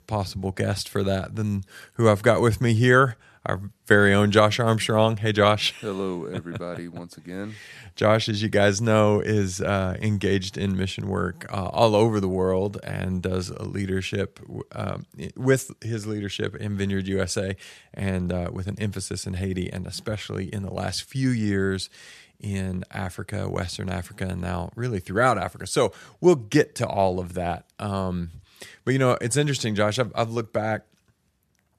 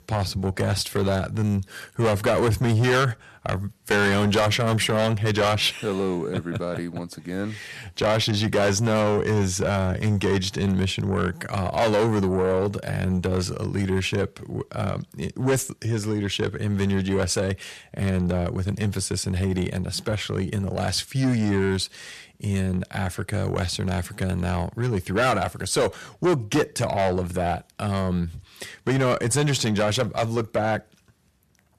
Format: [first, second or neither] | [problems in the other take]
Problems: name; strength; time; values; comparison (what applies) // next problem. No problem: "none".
first | distortion; heavy; 6 dB below the speech